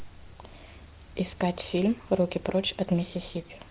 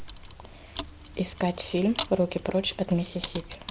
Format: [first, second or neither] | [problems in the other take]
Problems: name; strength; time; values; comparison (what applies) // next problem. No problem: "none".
first | background sound (Mechanisms); 12 dB below the speech